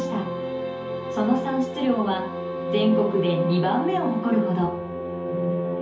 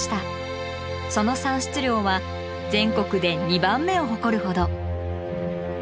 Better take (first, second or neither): second